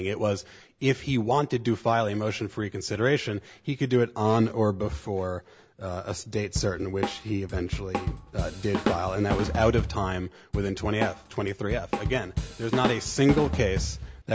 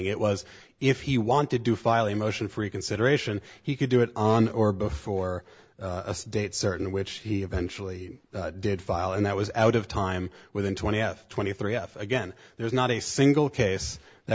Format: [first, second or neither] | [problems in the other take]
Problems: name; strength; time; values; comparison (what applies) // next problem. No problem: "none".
second | background sound (Drum / Drum kit); 4 dB below the speech